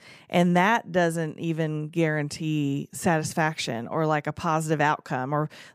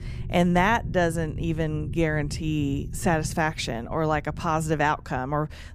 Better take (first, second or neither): first